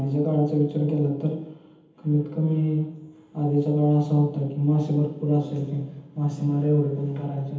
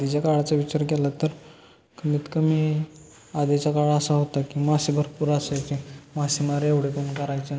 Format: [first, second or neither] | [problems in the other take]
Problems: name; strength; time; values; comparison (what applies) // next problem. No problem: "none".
second | room echo; dies away in 0.8 s